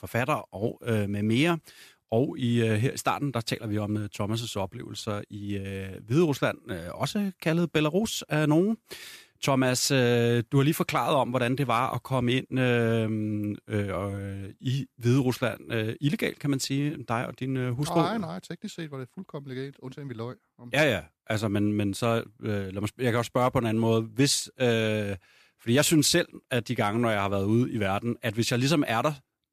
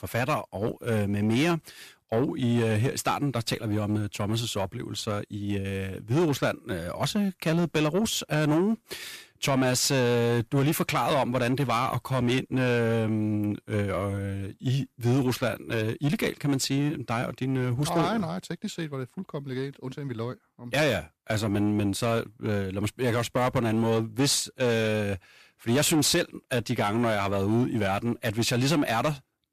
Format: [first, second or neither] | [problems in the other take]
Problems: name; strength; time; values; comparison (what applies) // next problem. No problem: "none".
first | distortion; slight; 10 dB below the speech